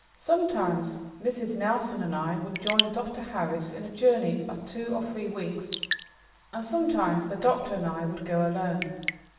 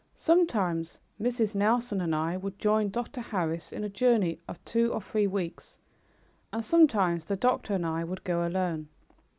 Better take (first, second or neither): second